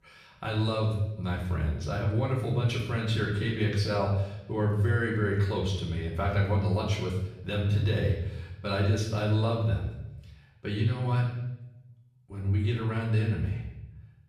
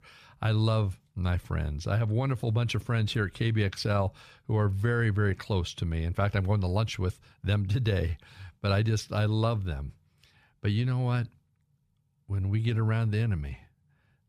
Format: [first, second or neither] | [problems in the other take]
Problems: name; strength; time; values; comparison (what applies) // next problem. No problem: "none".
second | room echo; noticeable; dies away in 0.8 s // off-mic speech; far